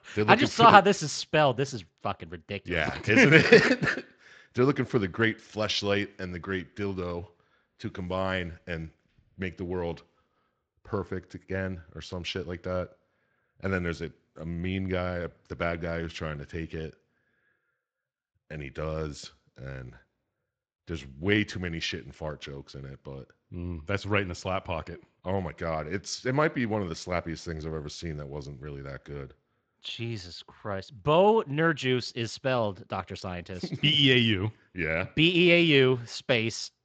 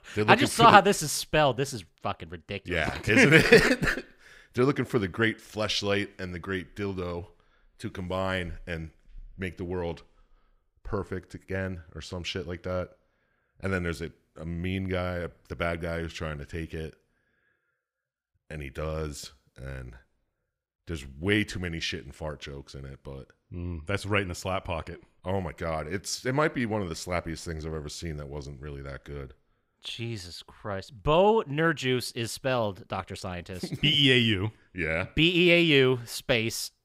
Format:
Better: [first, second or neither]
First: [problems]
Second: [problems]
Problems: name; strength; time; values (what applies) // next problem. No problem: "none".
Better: second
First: garbled, watery; slightly; nothing above 7.5 kHz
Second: none